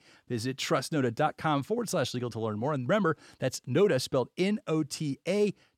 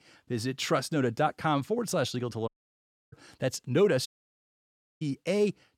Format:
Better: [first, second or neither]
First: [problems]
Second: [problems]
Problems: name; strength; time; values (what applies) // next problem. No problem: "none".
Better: first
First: none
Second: audio cutting out; at 2.5 s for 0.5 s and at 4 s for 1 s